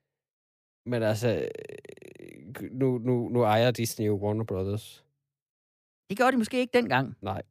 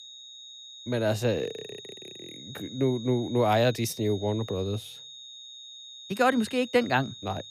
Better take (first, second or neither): first